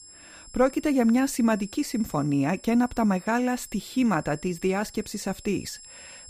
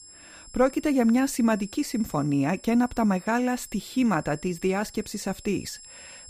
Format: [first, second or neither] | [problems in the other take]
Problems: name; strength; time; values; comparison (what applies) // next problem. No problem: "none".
neither | high-pitched whine; noticeable; throughout; 7.5 kHz, 20 dB below the speech; the same in both